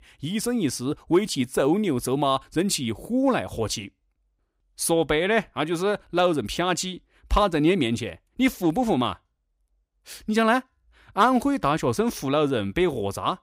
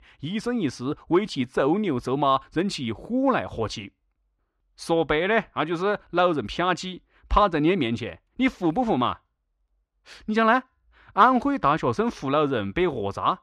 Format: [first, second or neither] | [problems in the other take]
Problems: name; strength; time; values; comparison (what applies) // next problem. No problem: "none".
first | muffled; slightly; fading above 4 kHz